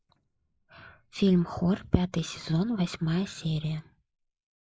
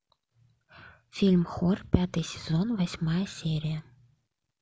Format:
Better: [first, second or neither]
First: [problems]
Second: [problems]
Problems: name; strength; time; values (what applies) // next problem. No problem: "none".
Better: second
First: noise reduction (neural mask model Resemble Enhance denoiser)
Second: none